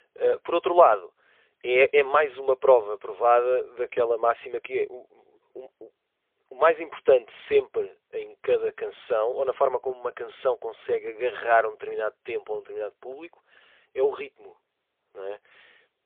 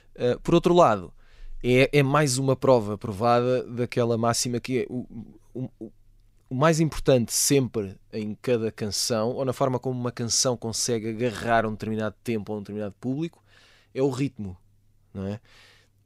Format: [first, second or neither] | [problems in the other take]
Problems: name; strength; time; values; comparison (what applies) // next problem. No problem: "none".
second | phone-call audio; poor line; nothing above 3.5 kHz